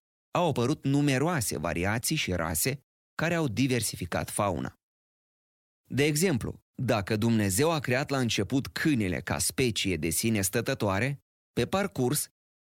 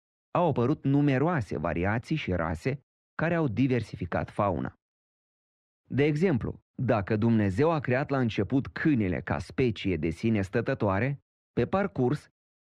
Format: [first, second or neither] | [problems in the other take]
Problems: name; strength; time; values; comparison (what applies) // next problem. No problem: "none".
first | muffled; very; fading above 2 kHz